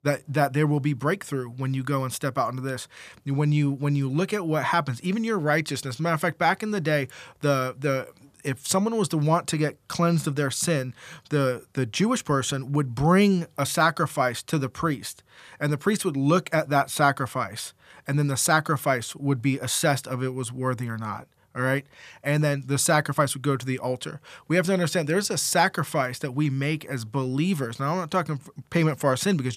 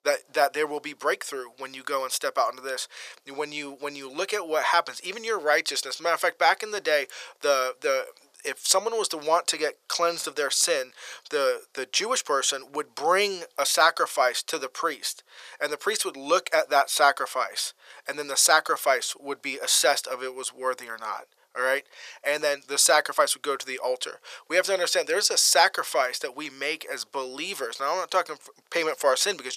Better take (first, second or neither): first